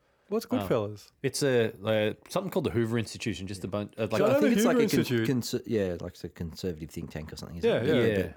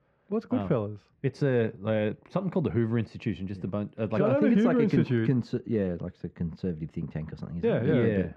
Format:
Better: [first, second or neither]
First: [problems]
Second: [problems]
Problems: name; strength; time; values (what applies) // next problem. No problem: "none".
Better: first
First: none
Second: muffled; slightly; fading above 2.5 kHz